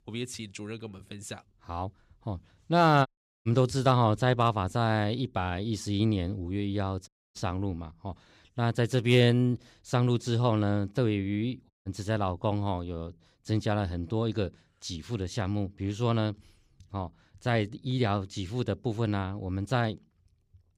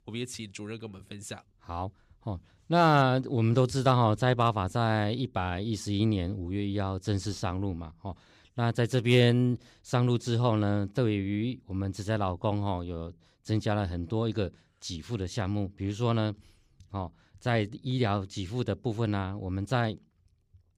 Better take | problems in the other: second | audio cutting out; at 3 s, at 7 s and at 12 s

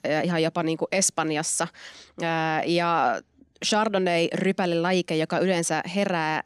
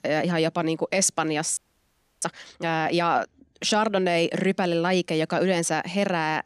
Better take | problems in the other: first | audio freezing; at 1.5 s for 0.5 s

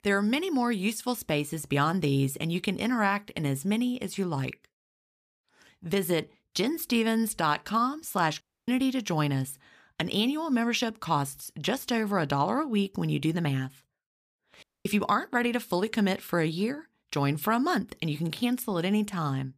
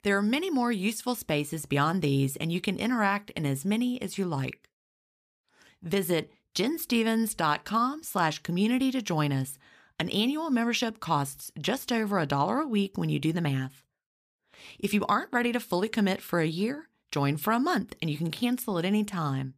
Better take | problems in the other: second | audio cutting out; at 8.5 s and at 15 s

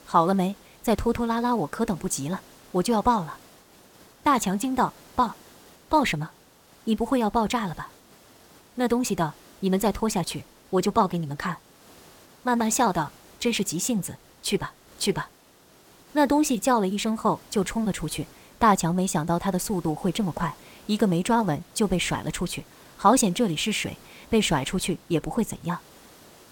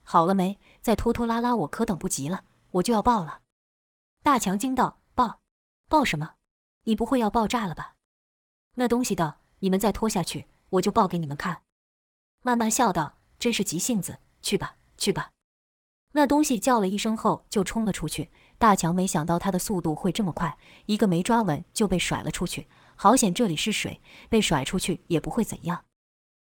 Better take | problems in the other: second | hiss; faint; throughout; 25 dB below the speech

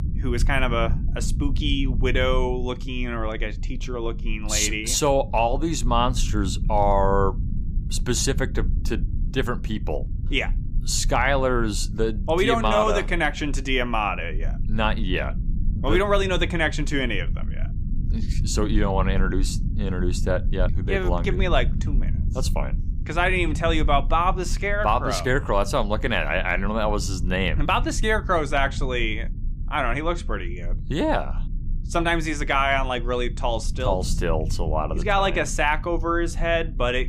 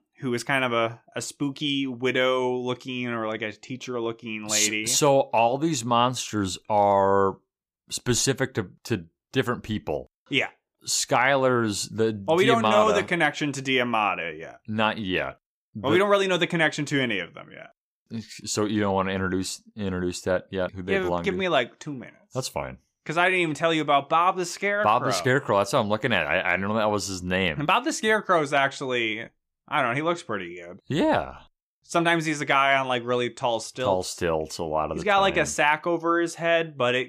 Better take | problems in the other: second | low rumble; faint; throughout; 20 dB below the speech

